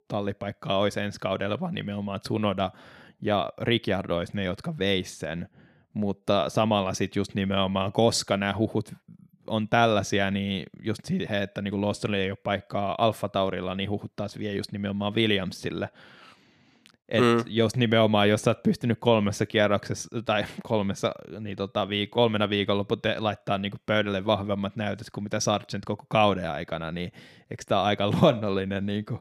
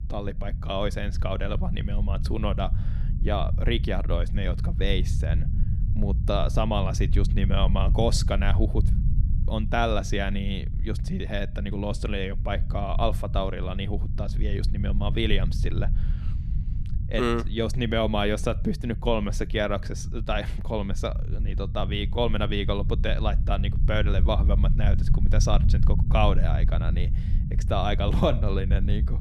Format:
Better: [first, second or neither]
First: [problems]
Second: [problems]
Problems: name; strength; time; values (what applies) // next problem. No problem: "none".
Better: first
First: none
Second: low rumble; noticeable; throughout; 15 dB below the speech